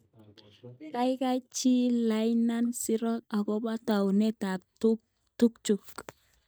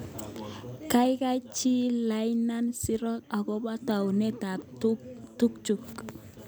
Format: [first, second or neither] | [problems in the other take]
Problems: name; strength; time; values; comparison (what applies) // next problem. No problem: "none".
second | noise reduction (neural mask model DeepFilterNet 3)